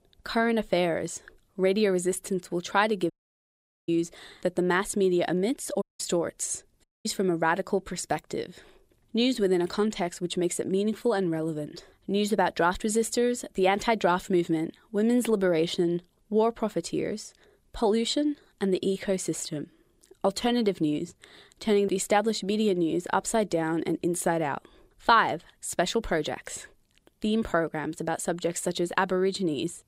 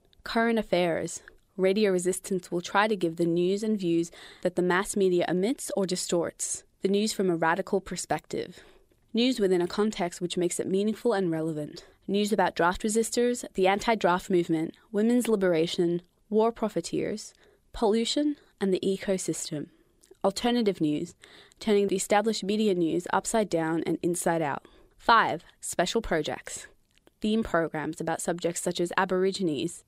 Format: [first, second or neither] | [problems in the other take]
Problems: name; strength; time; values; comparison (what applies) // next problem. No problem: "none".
second | audio cutting out; at 3 s for 1 s, at 6 s and at 7 s